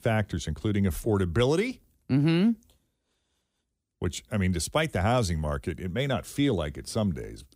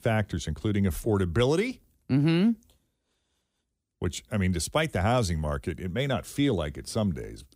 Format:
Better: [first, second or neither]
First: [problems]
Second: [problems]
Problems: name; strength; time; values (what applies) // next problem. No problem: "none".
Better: neither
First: none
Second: none